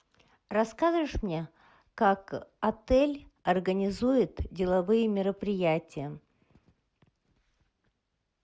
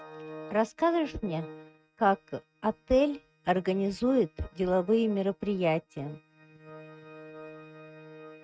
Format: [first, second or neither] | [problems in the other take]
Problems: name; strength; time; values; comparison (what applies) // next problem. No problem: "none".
first | noise reduction (neural mask model RNNoise)